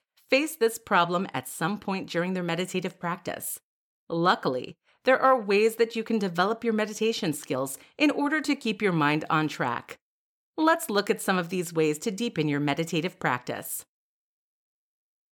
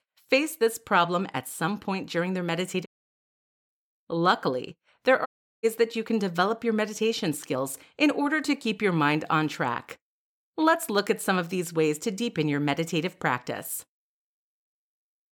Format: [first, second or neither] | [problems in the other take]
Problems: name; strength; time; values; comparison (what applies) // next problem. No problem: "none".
first | audio cutting out; at 3 s for 1 s and at 5.5 s